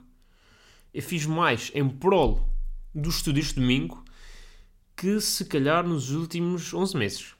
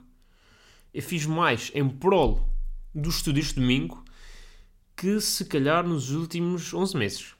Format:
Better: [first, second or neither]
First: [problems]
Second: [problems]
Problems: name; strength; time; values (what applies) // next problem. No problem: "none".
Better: neither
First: none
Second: none